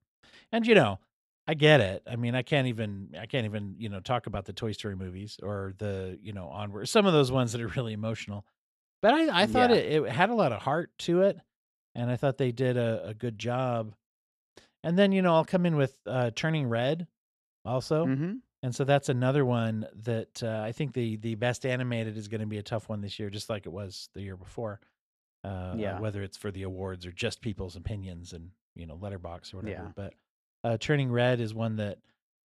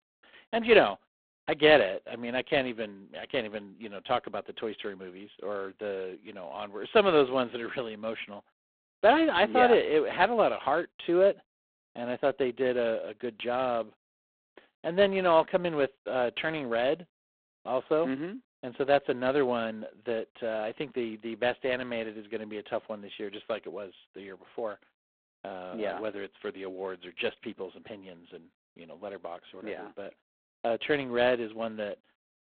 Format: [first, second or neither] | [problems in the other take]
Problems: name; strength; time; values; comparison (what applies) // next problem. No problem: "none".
first | phone-call audio; poor line; nothing above 3.5 kHz